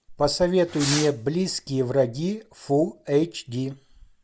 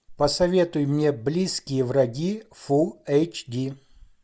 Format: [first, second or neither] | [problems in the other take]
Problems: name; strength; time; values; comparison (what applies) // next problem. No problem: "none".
second | background sound (Fireworks); 9 dB below the speech